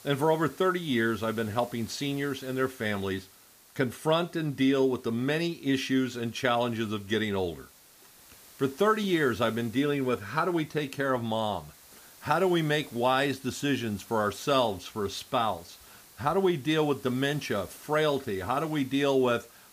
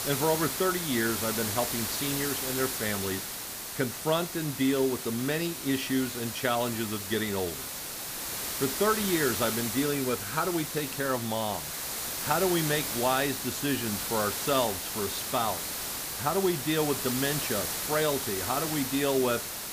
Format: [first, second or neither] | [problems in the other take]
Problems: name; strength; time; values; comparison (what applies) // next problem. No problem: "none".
first | hiss; loud; throughout; 2 dB below the speech; faint in the first